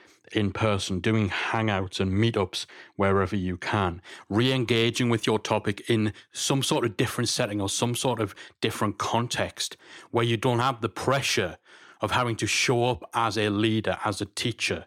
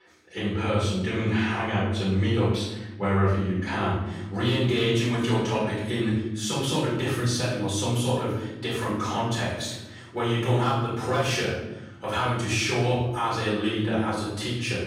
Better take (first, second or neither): first